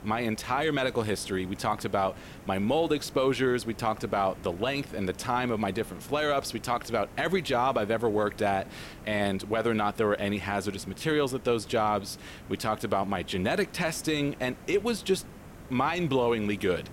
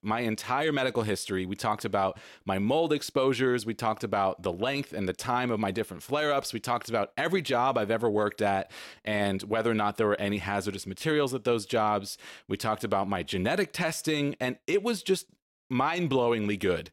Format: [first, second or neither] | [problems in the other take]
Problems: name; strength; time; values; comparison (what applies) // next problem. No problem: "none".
second | hiss; noticeable; throughout; 20 dB below the speech